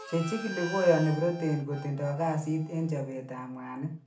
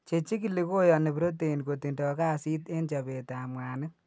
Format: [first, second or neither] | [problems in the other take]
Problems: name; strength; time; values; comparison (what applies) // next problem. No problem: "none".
second | background sound (Harmonica); 15 dB below the speech // room echo; dies away in 0.4 s